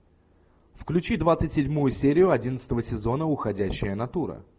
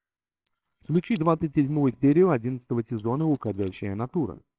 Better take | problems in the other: first | noise reduction (neural separator model SepFormer WHAMR!)

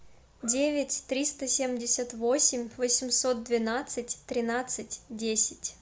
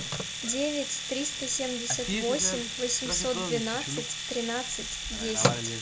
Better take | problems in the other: first | background sound (Telephone + Domestic sounds, home sounds); 1 dB below the speech

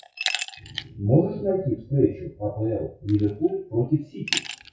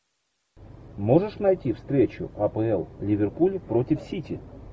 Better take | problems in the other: second | noise reduction (classical method WPE with log-MMSE)

